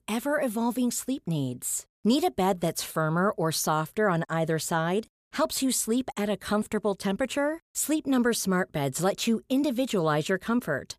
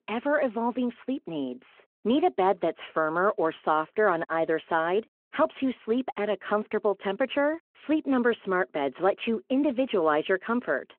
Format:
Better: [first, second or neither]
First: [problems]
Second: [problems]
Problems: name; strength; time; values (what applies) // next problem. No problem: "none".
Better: first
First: none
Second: phone-call audio